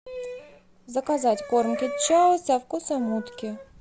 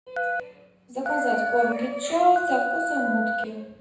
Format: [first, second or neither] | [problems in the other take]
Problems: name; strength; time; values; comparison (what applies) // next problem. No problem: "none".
first | background sound (Telephone); 3 dB below the speech // room echo; dies away in 0.9 s